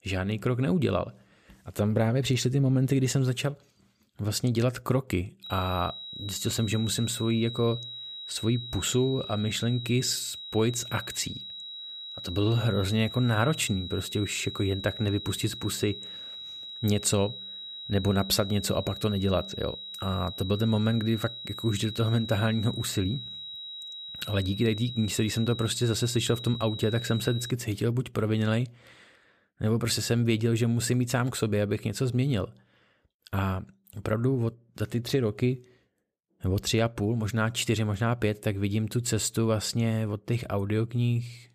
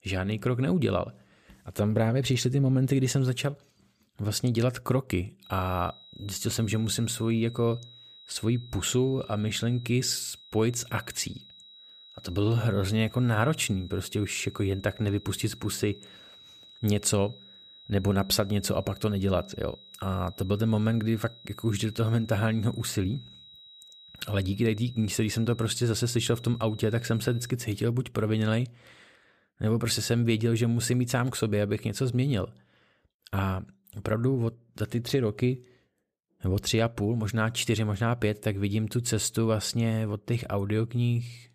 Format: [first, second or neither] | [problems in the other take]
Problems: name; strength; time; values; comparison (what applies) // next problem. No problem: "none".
second | high-pitched whine; loud; from 5.5 to 28 s; 4 kHz, 9 dB below the speech; faint in the second